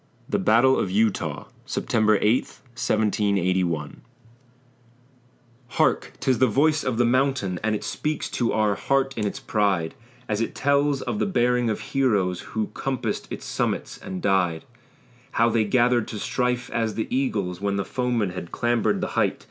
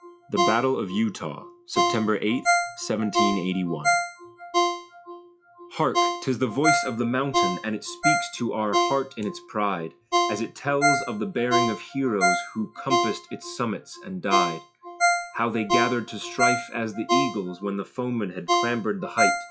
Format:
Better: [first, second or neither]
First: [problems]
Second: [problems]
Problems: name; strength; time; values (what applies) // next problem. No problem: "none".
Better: first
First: none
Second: noise reduction (classical method log-MMSE)